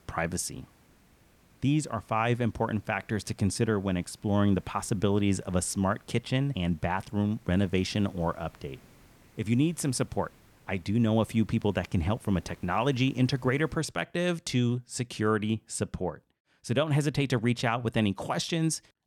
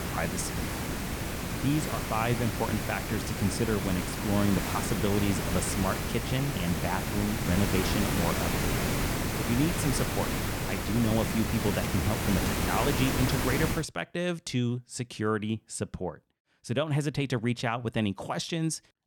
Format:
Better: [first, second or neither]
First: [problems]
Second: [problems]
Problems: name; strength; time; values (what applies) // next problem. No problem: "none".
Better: first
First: hiss; faint; until 14 s; 30 dB below the speech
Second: hiss; loud; until 14 s; as loud as the speech